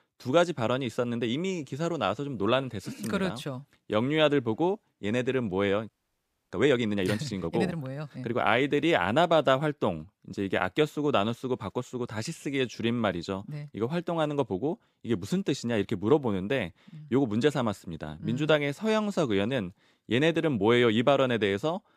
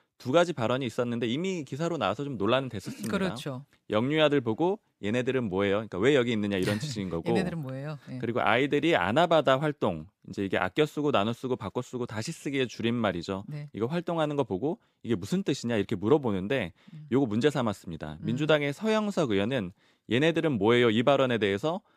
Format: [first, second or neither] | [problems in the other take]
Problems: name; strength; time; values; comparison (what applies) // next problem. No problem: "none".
second | audio freezing; at 6 s for 0.5 s